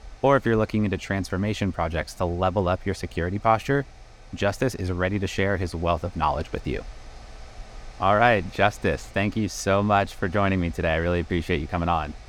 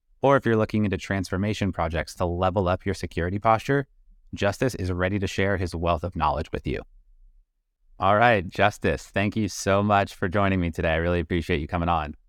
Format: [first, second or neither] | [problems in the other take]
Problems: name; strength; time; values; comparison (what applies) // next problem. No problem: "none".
second | machinery noise; faint; throughout; 20 dB below the speech